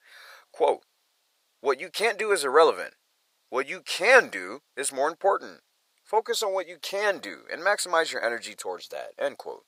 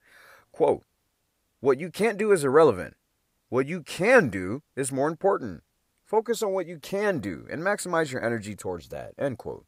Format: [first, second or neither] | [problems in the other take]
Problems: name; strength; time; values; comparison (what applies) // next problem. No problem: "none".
second | thin; very; fading below 650 Hz